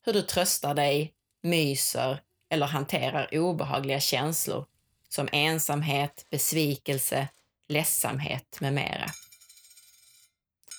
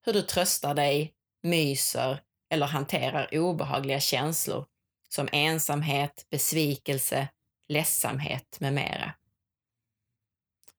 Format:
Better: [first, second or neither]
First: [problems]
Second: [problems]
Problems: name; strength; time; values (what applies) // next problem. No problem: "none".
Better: second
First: household noises; faint; throughout; 25 dB below the speech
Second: none